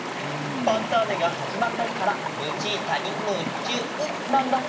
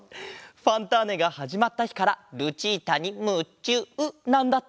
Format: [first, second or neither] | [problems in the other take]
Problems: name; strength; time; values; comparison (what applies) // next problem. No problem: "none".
second | background sound (Stream); 2 dB below the speech // room echo; dies away in 0.8 s